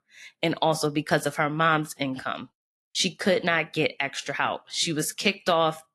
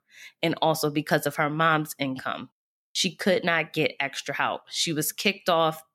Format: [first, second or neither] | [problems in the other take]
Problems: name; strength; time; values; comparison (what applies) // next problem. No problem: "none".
second | garbled, watery; slightly; nothing above 12.5 kHz